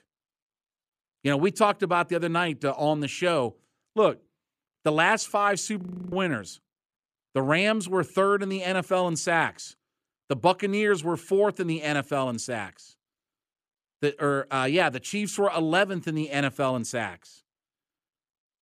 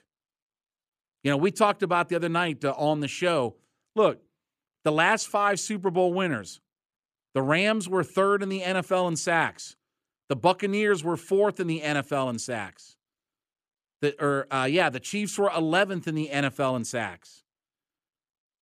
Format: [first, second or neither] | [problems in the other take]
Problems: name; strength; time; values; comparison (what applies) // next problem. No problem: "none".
second | audio freezing; at 6 s